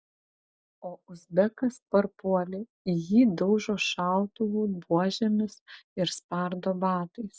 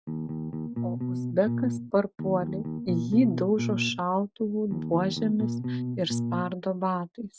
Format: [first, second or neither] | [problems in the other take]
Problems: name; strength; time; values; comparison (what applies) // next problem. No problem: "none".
first | background sound (Bass guitar); 3 dB below the speech